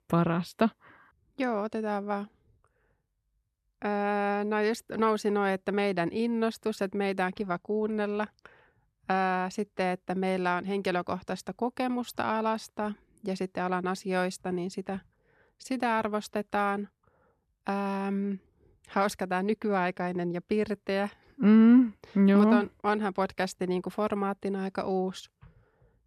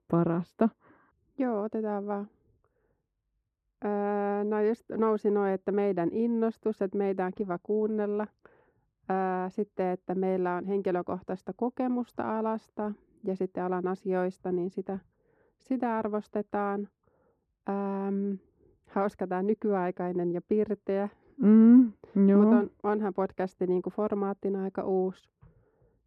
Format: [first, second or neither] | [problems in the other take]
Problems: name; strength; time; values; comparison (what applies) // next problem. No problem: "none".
first | muffled; very; fading above 2 kHz